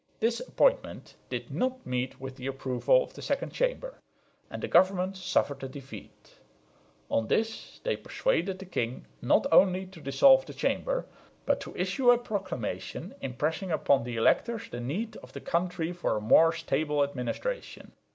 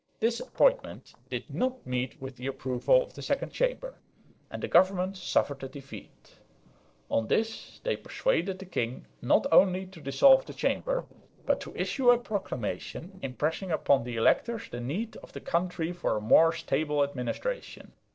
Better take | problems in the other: first | noise reduction (neural separator model SepFormer DNS4)

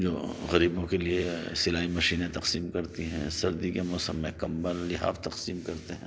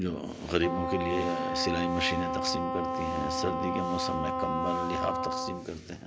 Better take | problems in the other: first | background sound (Wind instrument, woodwind instrument); 1 dB above the speech

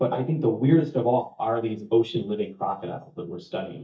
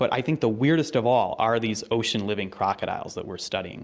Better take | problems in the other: second | noise reduction (neural mask model DeepFilterNet 3)

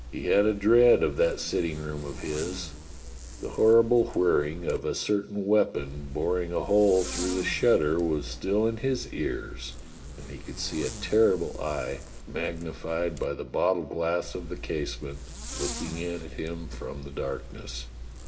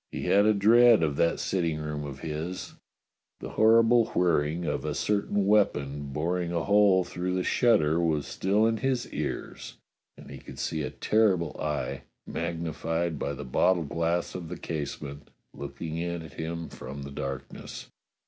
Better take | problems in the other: second | background sound (Zipper (clothing)); 12 dB below the speech // room echo; dies away in 0.5 s

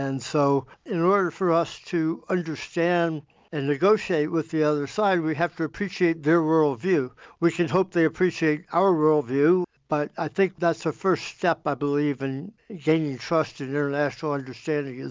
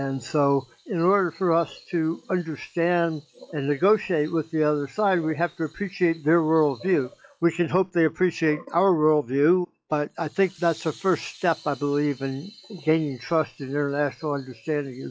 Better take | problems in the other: first | noise reduction (classical method log-MMSE)

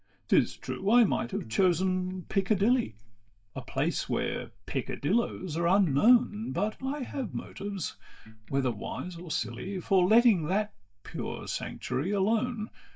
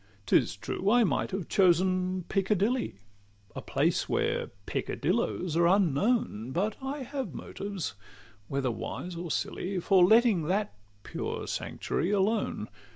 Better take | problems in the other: second | noise reduction (neural mask model DeepFilterNet 3)

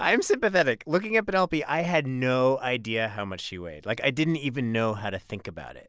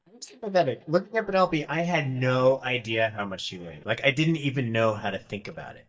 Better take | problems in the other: first | noise reduction (neural mask model DeepFilterNet 3)

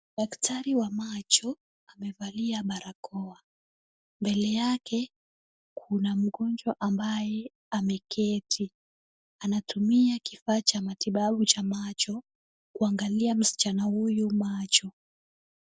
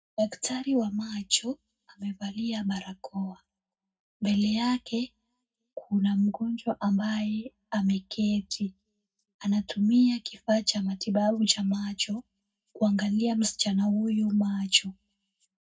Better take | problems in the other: first | room echo; dies away in 0.3 s

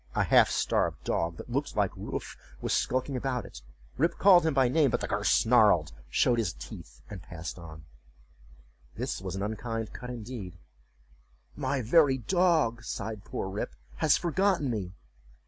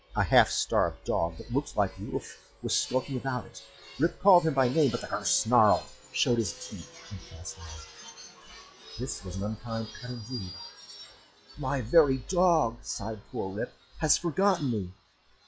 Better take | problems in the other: first | noise reduction (classical method log-MMSE)

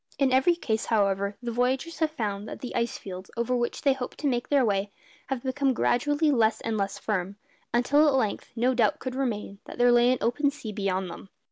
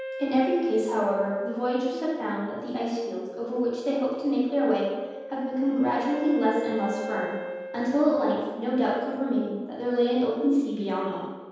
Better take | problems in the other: first | background sound (Wind instrument, woodwind instrument); 14 dB below the speech // room echo; dies away in 1.2 s

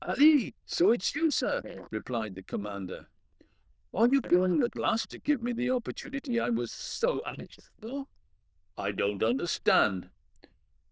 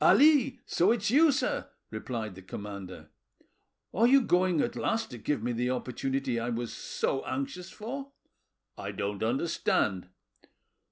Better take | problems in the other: second | noise reduction (neural diffusion model UNIVERSE++)

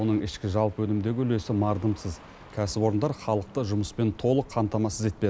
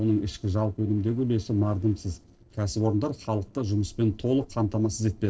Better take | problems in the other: first | noise reduction (neural separator model SepFormer DNS4)

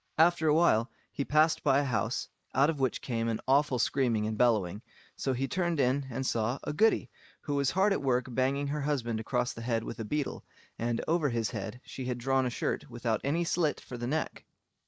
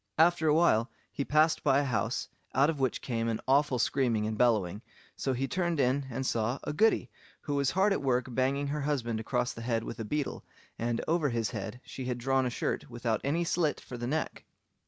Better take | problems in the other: second | noise reduction (neural mask model Resemble Enhance denoiser)

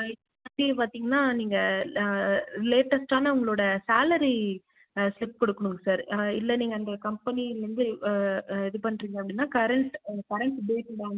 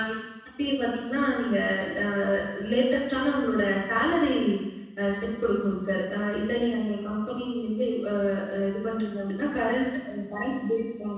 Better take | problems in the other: first | room echo; dies away in 1.1 s

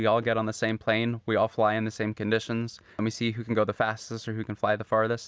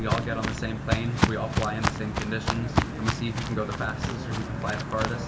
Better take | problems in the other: first | background sound (Walk, footsteps); 2 dB above the speech // room echo; dies away in 1.7 s

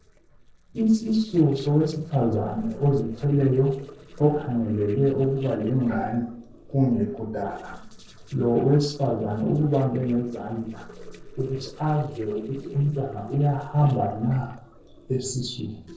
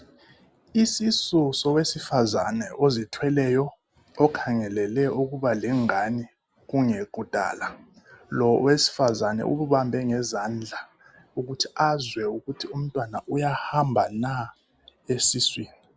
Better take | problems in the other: second | noise reduction (neural separator model SepFormer DNS4)

